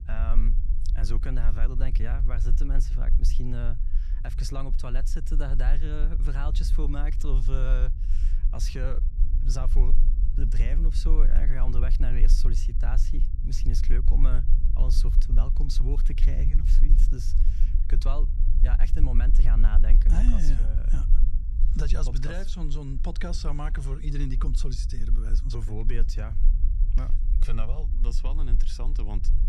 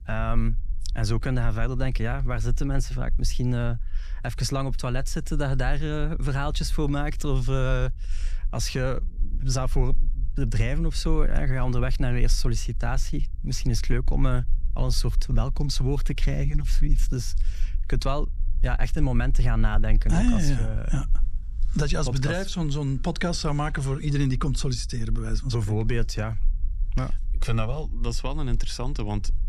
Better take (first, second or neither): second